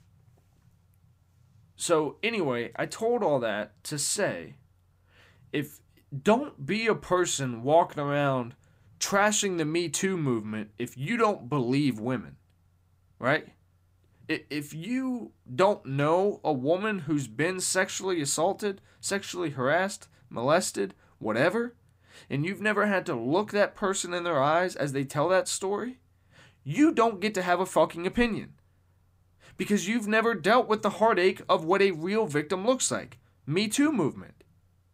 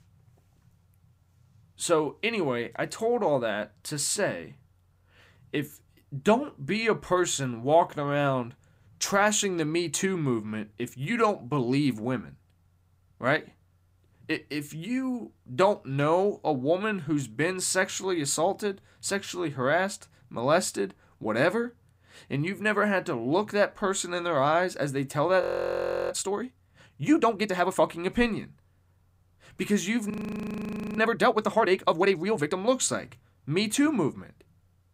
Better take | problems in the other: first | audio freezing; at 25 s for 0.5 s and at 30 s for 1 s

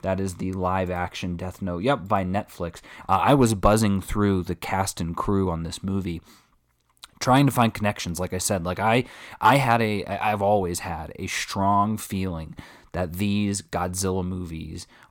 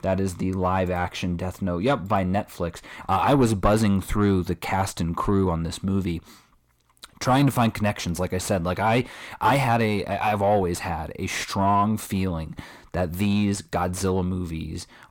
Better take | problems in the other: first | distortion; slight; 10 dB below the speech

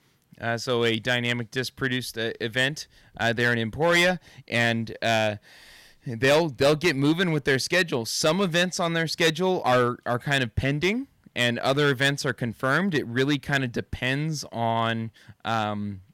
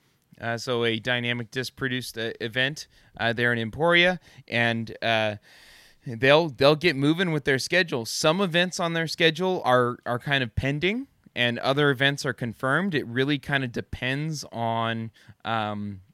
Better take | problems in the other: second | distortion; slight; 4% of the sound clipped

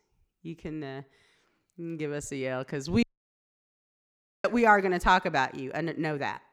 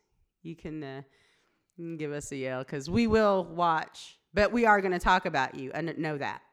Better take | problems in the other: second | audio cutting out; at 3 s for 1.5 s

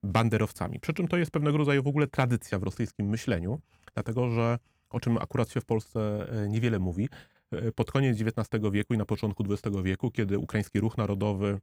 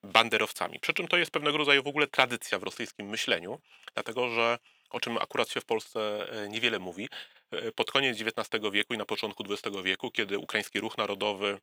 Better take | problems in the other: first | thin; very; fading below 500 Hz

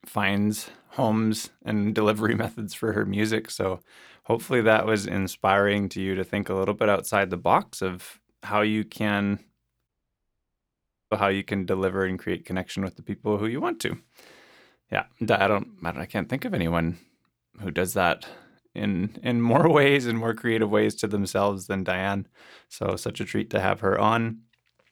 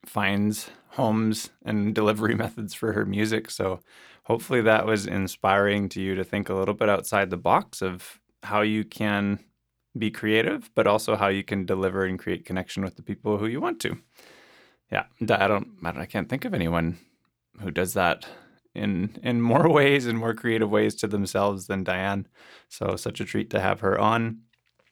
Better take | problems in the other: second | audio cutting out; at 10 s for 1 s

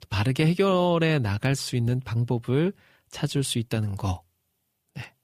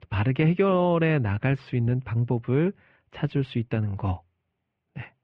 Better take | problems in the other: first | muffled; very; fading above 2.5 kHz

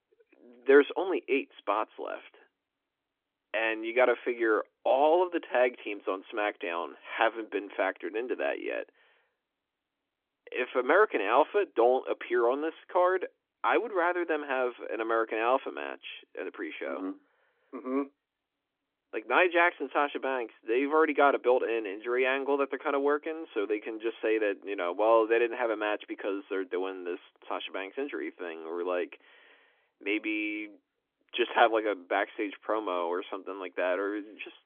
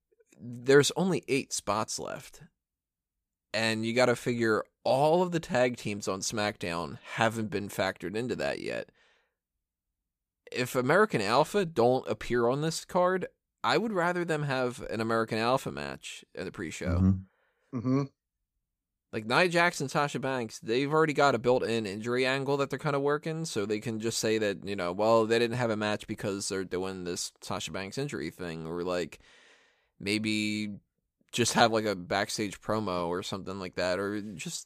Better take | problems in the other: second | phone-call audio; nothing above 3.5 kHz

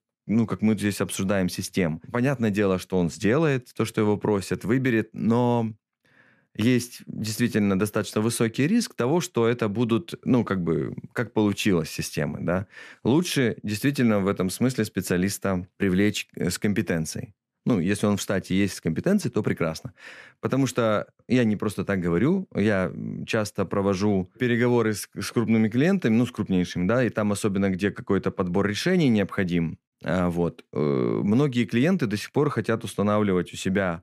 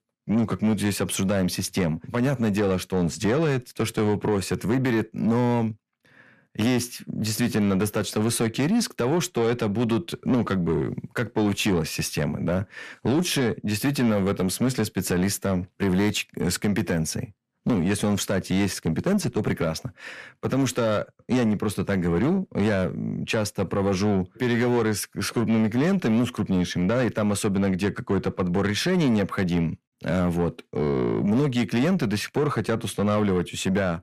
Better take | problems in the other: first | distortion; slight; 10 dB below the speech

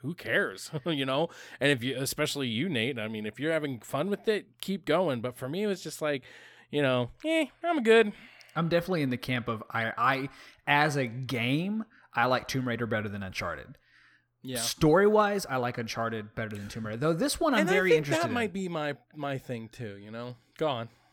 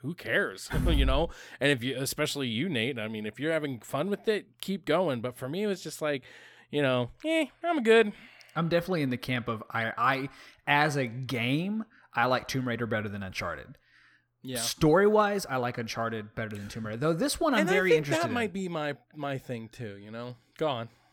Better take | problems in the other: first | door banging; loud; at 0.5 s; peak level with the speech

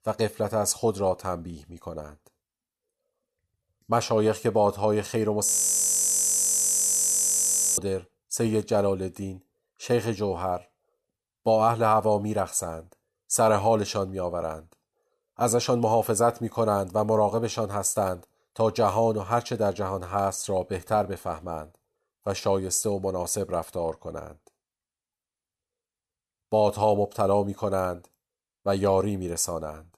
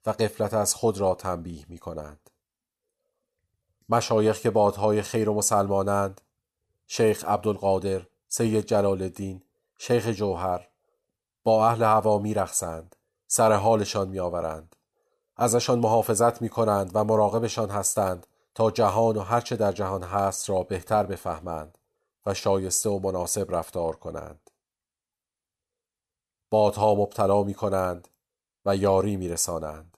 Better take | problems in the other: second | audio freezing; at 5.5 s for 2.5 s

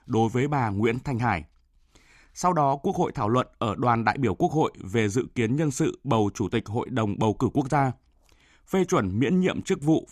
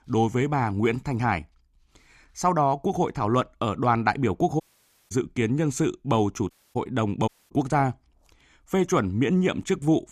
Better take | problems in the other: first | audio cutting out; at 4.5 s for 0.5 s, at 6.5 s and at 7.5 s

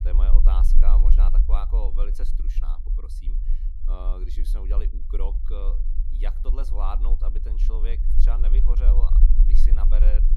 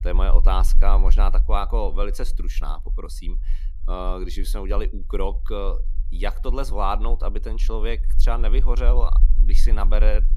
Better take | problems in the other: second | low rumble; loud; throughout; 7 dB below the speech; faint in the second

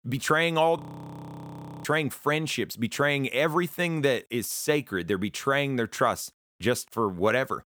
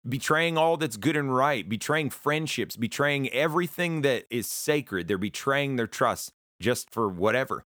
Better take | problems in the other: second | audio freezing; at 1 s for 1 s

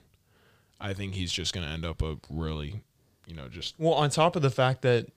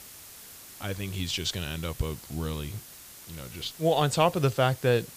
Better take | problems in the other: first | hiss; noticeable; throughout; 15 dB below the speech

